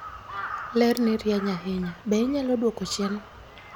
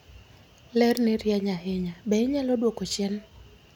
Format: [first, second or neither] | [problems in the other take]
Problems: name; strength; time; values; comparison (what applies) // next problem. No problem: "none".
second | background sound (Crow); 13 dB below the speech